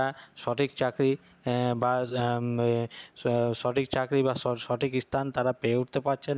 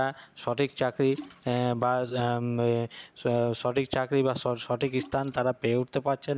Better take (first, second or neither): first